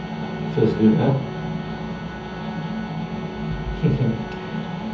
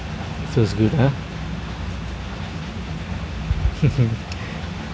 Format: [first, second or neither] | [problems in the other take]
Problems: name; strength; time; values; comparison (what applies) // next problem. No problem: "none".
second | background sound (Organ); 13 dB below the speech // room echo; dies away in 0.7 s